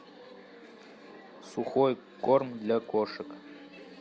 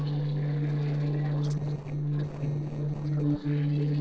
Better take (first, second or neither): first